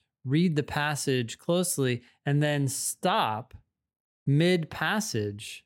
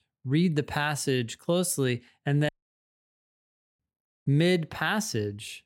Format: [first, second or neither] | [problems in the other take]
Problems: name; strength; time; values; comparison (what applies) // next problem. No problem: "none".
first | audio cutting out; at 2.5 s for 1.5 s